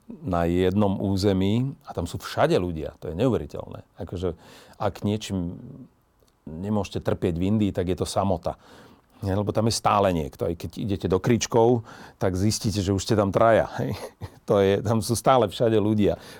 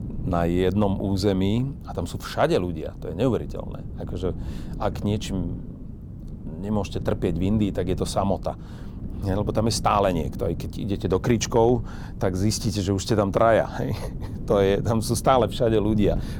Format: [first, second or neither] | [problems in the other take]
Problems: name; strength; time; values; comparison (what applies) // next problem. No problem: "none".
first | wind noise on the microphone; occasional gusts; 20 dB below the speech